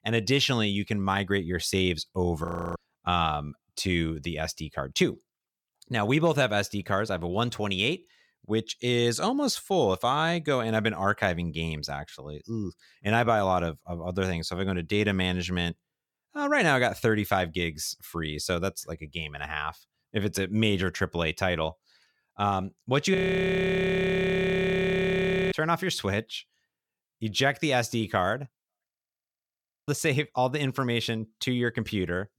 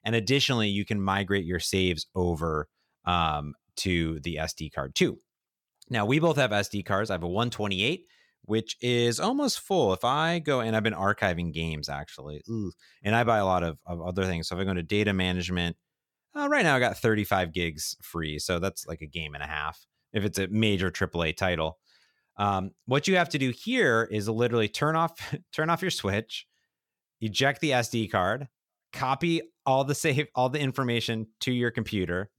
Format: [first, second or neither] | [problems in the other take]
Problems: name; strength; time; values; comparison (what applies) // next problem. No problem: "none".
second | audio freezing; at 2.5 s, at 23 s for 2.5 s and at 29 s for 1 s